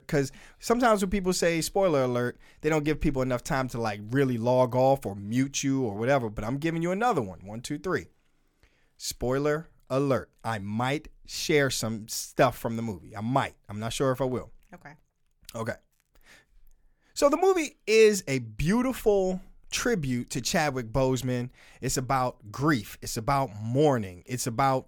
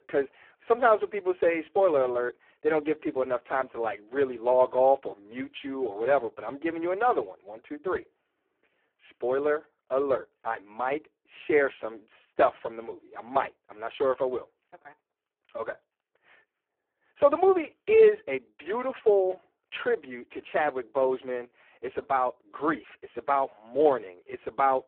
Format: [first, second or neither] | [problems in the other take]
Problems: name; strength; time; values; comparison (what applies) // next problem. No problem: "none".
first | phone-call audio; poor line